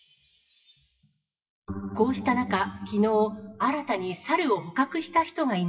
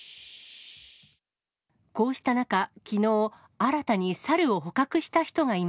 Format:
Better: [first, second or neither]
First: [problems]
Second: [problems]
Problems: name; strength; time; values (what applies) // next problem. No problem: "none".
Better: second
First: noise reduction (classical method WPE with log-MMSE)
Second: none